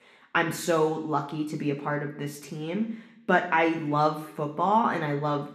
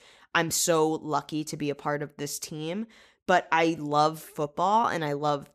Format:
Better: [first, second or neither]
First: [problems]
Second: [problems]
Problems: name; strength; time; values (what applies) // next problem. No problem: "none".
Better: second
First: room echo; slight; dies away in 0.8 s // off-mic speech; somewhat distant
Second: none